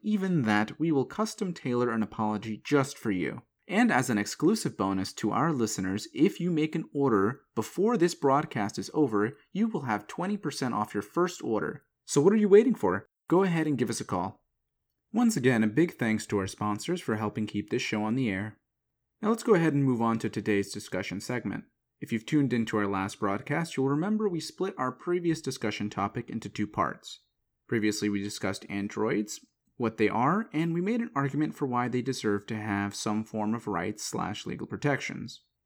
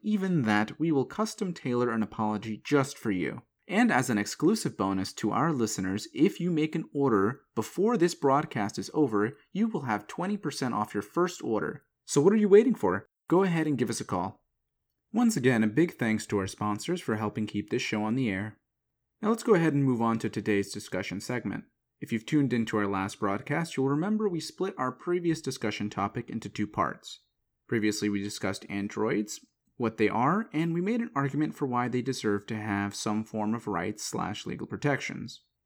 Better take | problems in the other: neither | none

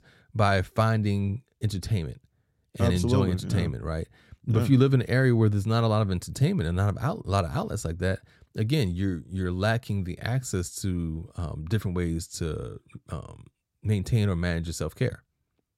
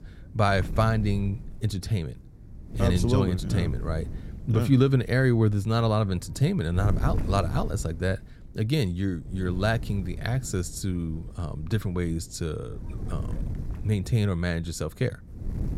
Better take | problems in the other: first | wind noise on the microphone; occasional gusts; 15 dB below the speech

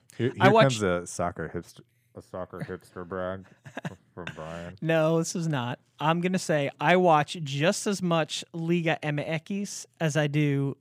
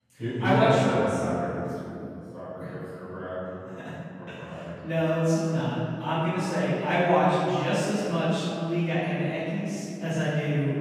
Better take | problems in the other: first | off-mic speech; far // room echo; strong; dies away in 2.7 s

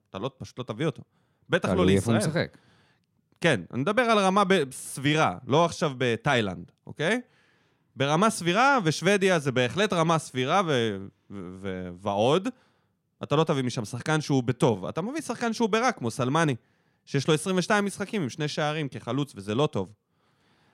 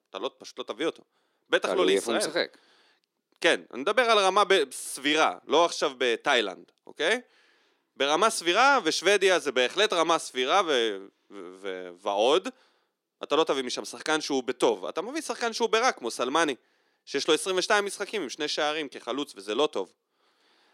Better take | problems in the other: first | thin; somewhat; fading below 350 Hz

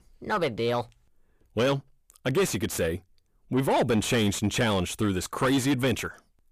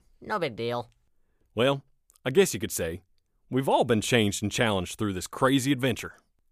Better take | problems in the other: second | distortion; heavy; 7 dB below the speech

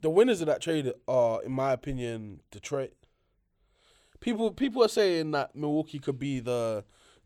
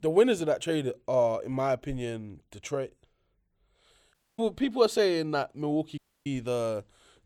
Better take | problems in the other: first | audio cutting out; at 4 s and at 6 s

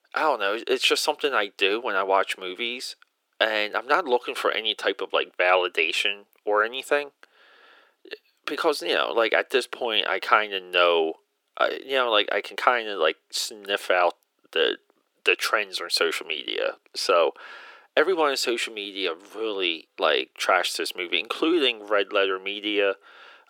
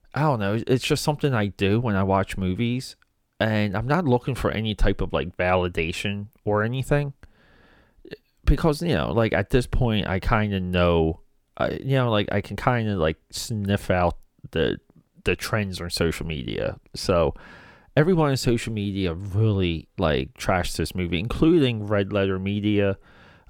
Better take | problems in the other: second | thin; very; fading below 350 Hz

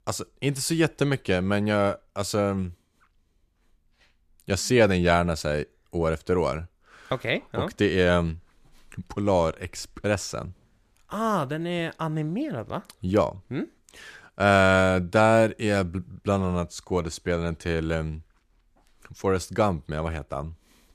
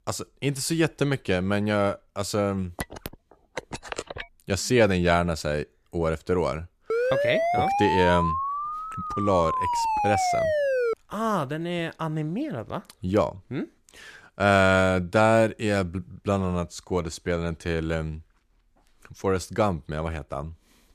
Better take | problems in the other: first | phone ringing; noticeable; from 3 to 4.5 s; peak 9 dB below the speech // siren; loud; from 7 to 11 s; peak 2 dB above the speech

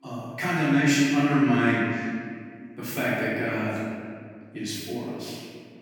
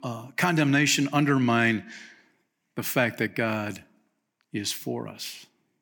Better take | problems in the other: second | room echo; strong; dies away in 1.9 s // off-mic speech; far

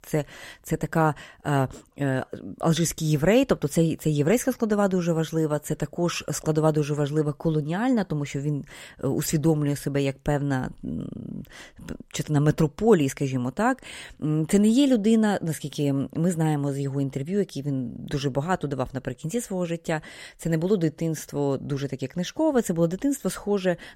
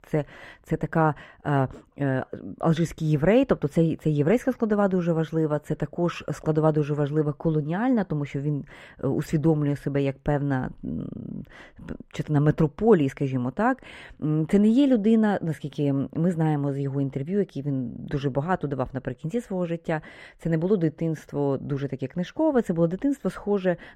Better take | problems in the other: first | muffled; slightly; fading above 3.5 kHz

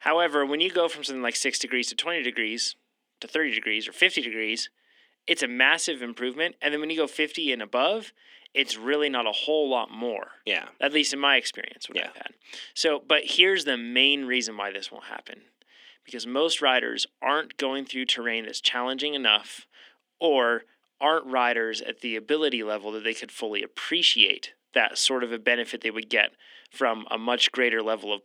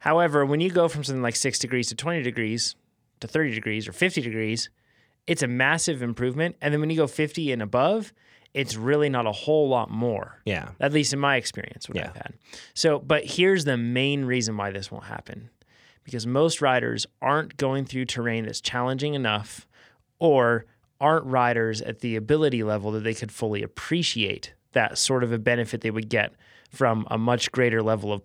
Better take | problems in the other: second | thin; very slightly; fading below 250 Hz

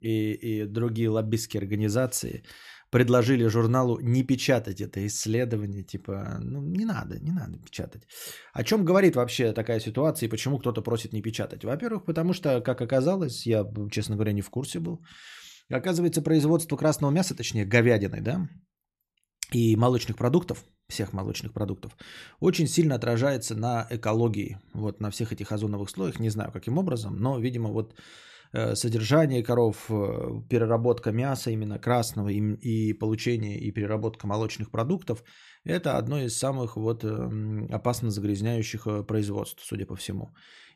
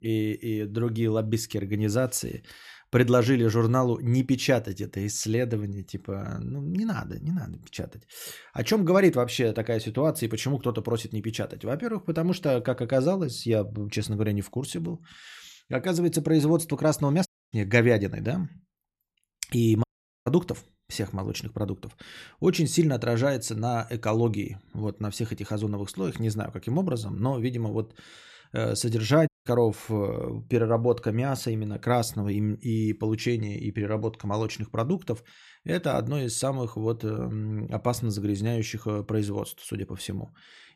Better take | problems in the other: first | audio cutting out; at 17 s, at 20 s and at 29 s

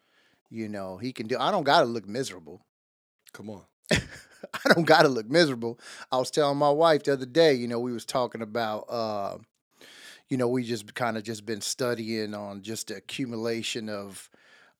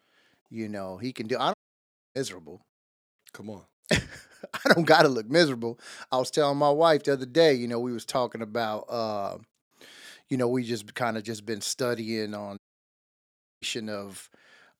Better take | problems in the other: first | audio cutting out; at 1.5 s for 0.5 s and at 13 s for 1 s

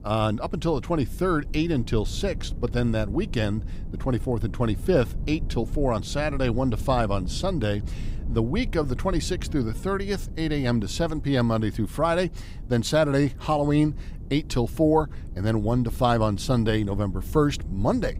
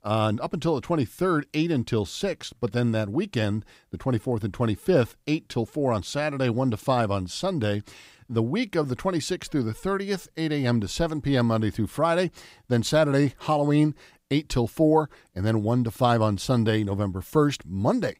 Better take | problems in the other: second | low rumble; faint; throughout; 20 dB below the speech

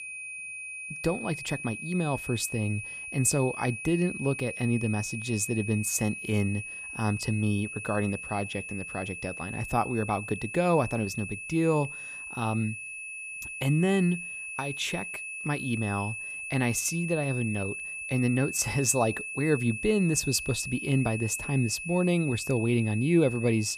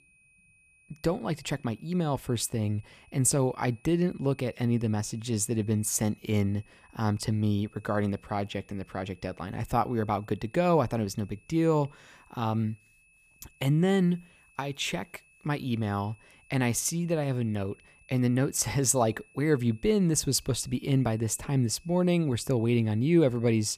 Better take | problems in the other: second | high-pitched whine; loud; throughout; 2.5 kHz, 7 dB below the speech; faint in the second

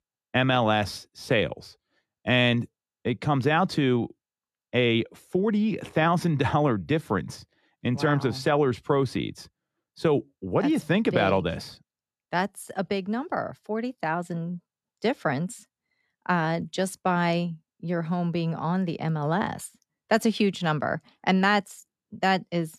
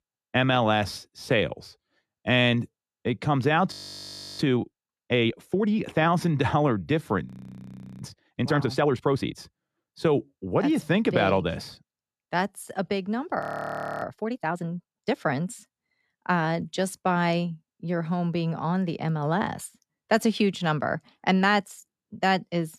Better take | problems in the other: first | audio freezing; at 3.5 s for 0.5 s, at 7.5 s for 1 s and at 13 s for 0.5 s

